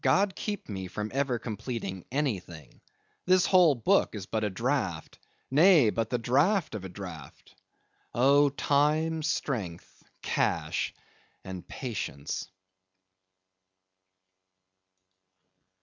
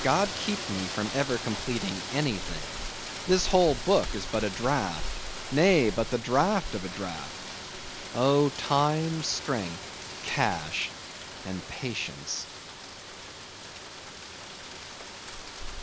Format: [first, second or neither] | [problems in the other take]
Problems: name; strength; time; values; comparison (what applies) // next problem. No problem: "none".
first | background sound (Rain); 8 dB below the speech